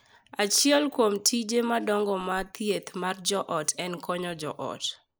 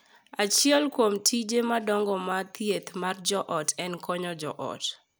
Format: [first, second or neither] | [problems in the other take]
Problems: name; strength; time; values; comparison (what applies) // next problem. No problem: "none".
second | noise reduction (neural mask model Resemble Enhance denoiser)